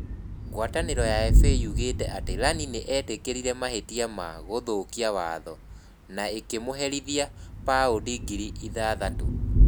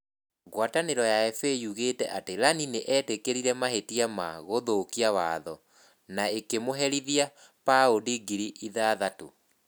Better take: second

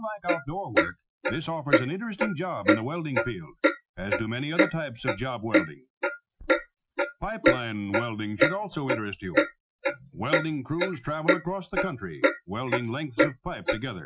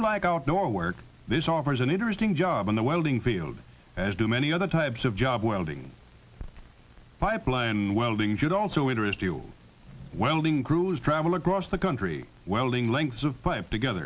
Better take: second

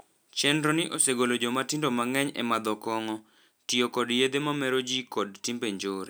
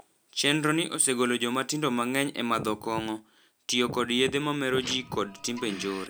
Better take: first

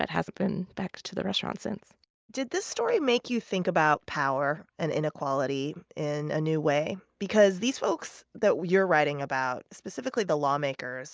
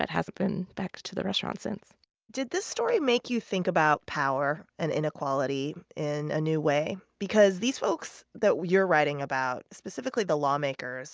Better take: second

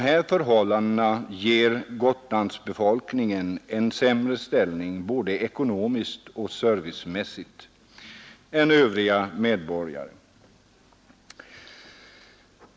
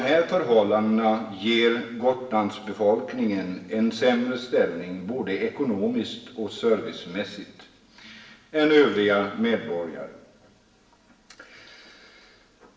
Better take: first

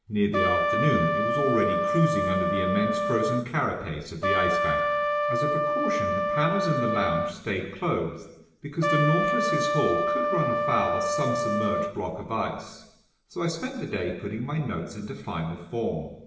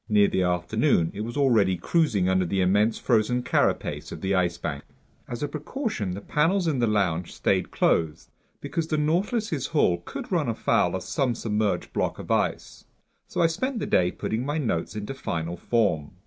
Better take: second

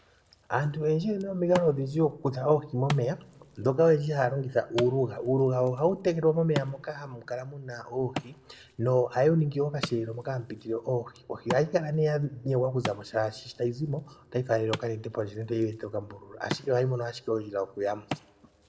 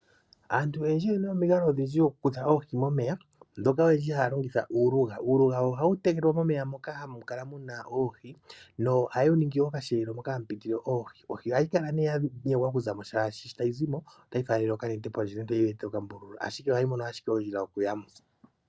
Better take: second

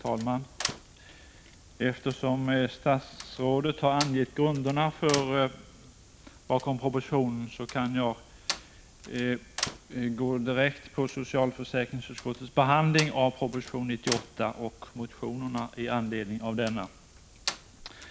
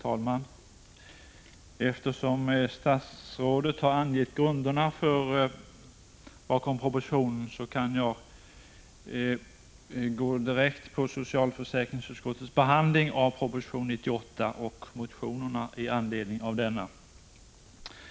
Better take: second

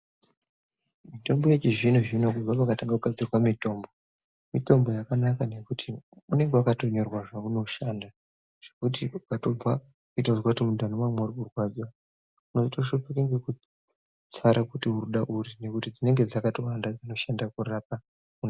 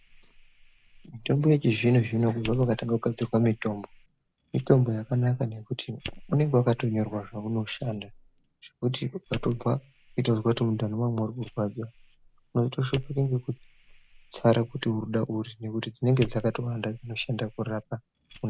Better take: first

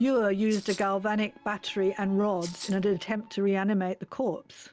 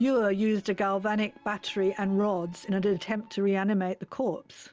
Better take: second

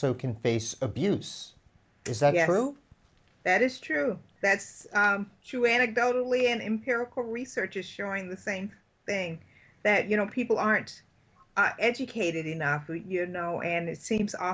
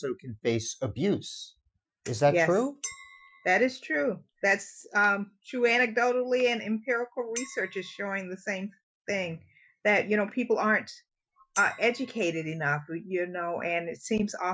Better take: first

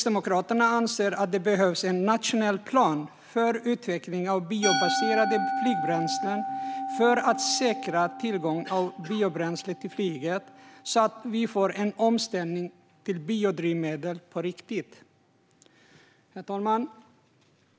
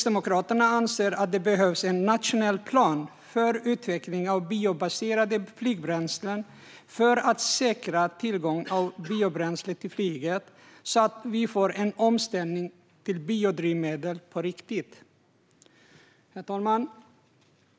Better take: second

